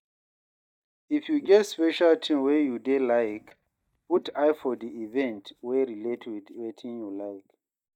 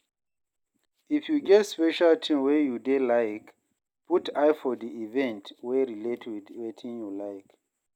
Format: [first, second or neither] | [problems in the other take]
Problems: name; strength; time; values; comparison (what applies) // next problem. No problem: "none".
second | noise reduction (neural mask model DeepFilterNet 3)